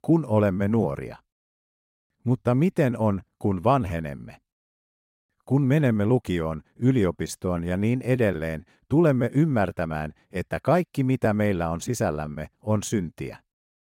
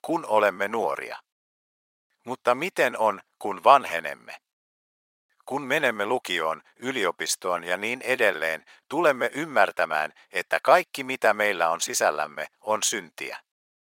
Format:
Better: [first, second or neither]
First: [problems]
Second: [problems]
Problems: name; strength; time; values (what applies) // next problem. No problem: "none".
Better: first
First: none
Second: thin; very; fading below 850 Hz